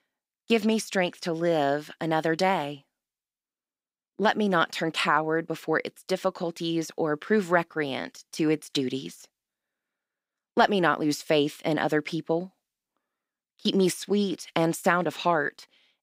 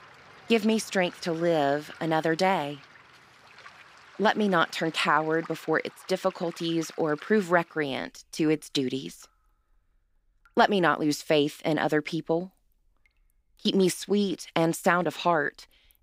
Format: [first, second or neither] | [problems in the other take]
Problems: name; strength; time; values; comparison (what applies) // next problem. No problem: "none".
first | rain or running water; faint; throughout; 25 dB below the speech